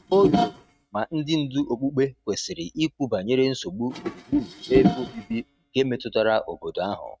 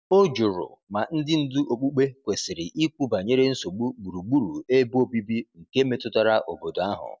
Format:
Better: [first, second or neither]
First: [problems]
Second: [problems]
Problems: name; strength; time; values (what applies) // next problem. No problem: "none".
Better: second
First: noise reduction (neural mask model RNNoise)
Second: none